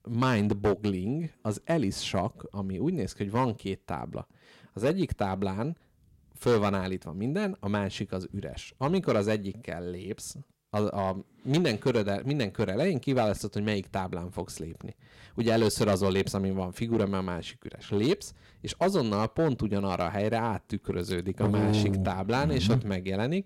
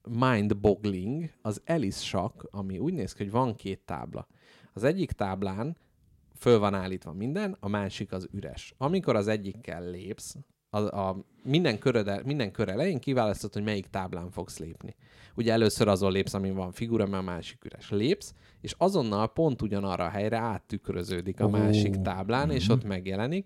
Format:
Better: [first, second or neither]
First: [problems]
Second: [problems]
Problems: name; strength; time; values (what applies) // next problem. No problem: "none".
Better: second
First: distortion; slight; 3% of the sound clipped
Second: none